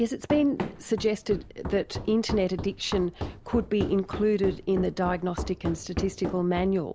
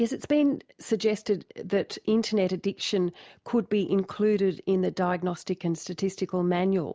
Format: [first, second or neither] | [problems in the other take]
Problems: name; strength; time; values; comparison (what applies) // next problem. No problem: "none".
second | background sound (Run); 9 dB below the speech